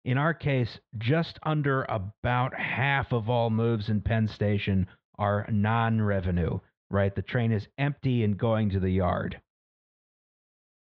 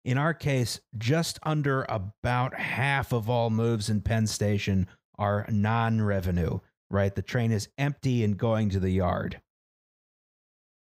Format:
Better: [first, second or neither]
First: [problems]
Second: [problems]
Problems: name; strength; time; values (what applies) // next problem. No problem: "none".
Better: second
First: muffled; slightly; fading above 3.5 kHz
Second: none